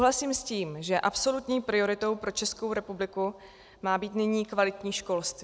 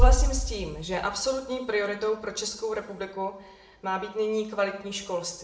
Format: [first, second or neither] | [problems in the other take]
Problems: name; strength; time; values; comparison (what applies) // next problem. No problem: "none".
first | background sound (Bass drum); 1 dB above the speech // room echo; dies away in 0.6 s